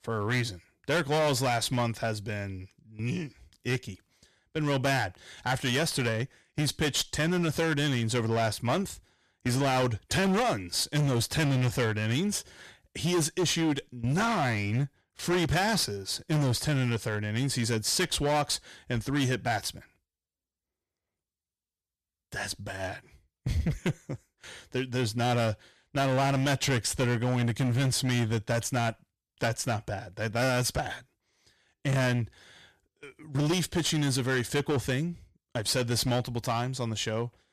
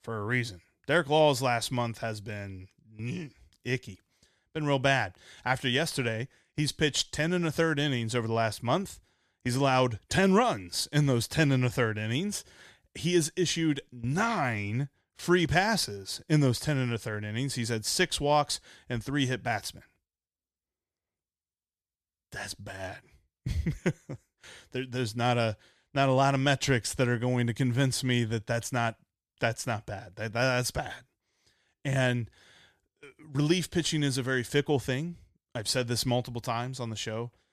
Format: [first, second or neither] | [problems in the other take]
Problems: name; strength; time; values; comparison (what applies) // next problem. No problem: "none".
second | distortion; heavy; 12% of the sound clipped